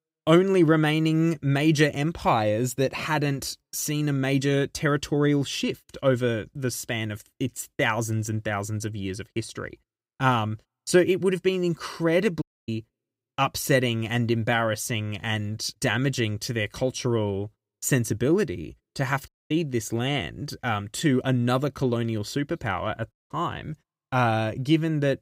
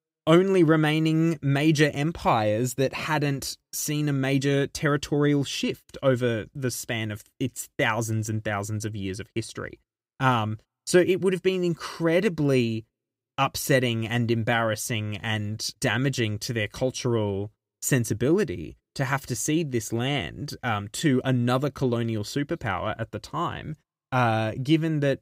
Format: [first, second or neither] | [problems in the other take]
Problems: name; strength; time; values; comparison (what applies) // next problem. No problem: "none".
second | audio cutting out; at 12 s, at 19 s and at 23 s